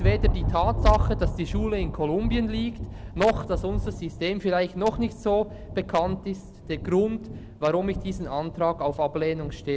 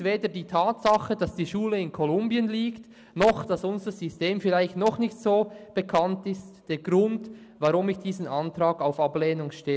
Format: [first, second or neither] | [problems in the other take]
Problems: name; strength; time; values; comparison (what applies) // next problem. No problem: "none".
second | background sound (Thunder); 3 dB below the speech